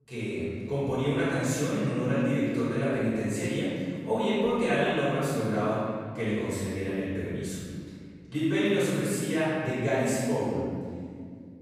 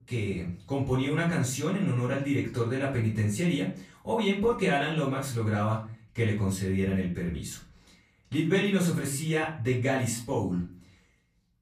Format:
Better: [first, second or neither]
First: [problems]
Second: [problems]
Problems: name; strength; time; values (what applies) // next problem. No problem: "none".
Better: second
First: room echo; strong; dies away in 2.1 s // off-mic speech; far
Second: room echo; slight; dies away in 0.4 s // off-mic speech; far